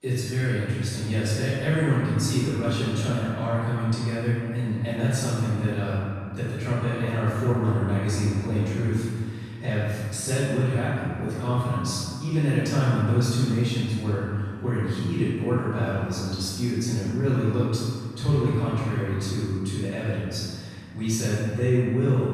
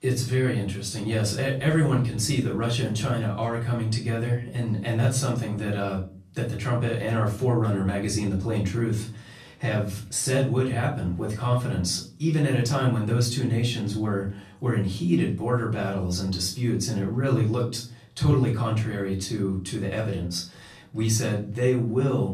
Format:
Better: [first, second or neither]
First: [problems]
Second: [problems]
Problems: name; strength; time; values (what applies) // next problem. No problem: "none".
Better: second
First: room echo; strong; dies away in 2.1 s // off-mic speech; far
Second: room echo; slight; dies away in 0.4 s // off-mic speech; far